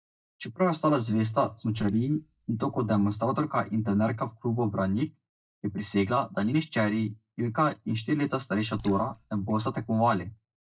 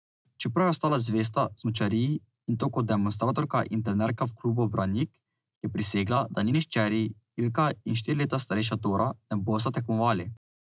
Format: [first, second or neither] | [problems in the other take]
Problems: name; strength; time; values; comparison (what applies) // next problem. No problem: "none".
second | noise reduction (neural mask model DeepFilterNet 3)